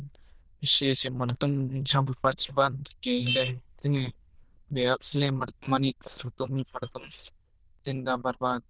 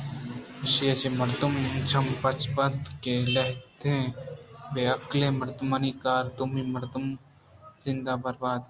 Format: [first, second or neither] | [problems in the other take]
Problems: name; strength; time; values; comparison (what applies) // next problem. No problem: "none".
second | noise reduction (neural diffusion model UNIVERSE++)